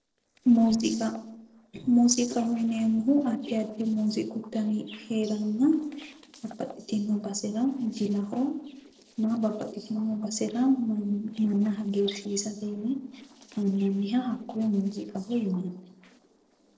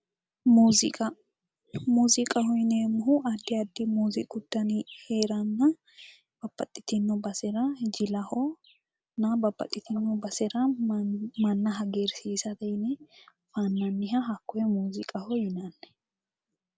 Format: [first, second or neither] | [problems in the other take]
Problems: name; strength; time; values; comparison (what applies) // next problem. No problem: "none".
second | noise reduction (neural separator model SepFormer DNS4)